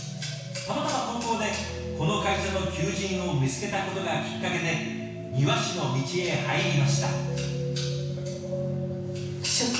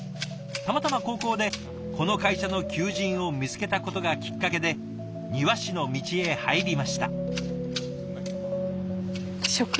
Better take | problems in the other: second | room echo; dies away in 1.1 s

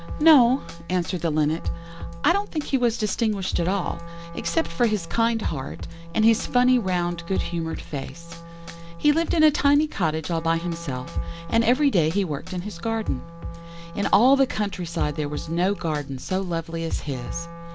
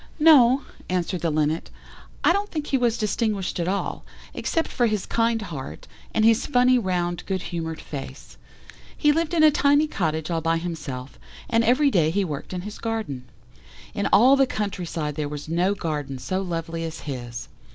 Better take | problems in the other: second | background sound (Wind instrument, woodwind instrument + Drum kit); 10 dB below the speech

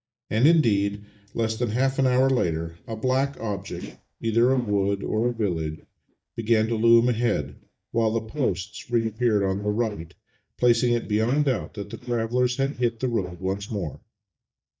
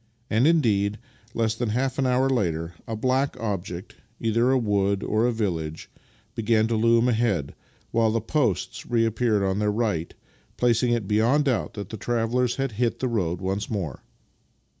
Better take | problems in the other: second | noise reduction (neural mask model DeepFilterNet 3)

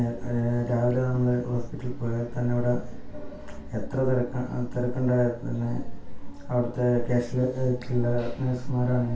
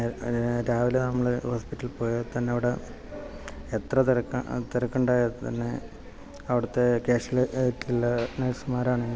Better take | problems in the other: second | room echo; dies away in 0.3 s

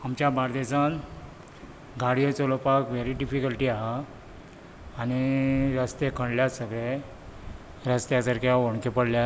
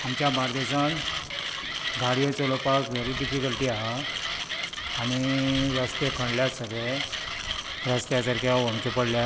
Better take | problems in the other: first | background sound (Mechanisms); 4 dB below the speech

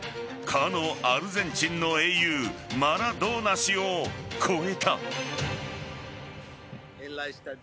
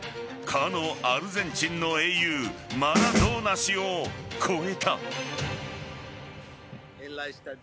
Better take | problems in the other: first | background sound (Snare drum); 2 dB above the speech

